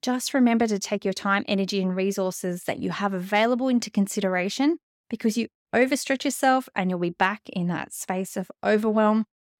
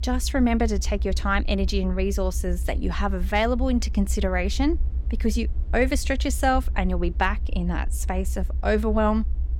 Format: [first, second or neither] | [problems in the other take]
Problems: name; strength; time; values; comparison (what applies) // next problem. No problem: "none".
first | low rumble; faint; throughout; 20 dB below the speech